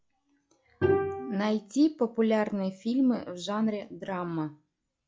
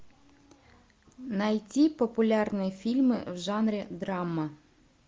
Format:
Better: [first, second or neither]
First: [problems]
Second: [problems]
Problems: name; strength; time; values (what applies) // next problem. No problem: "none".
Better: second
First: noise reduction (classical method log-MMSE)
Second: none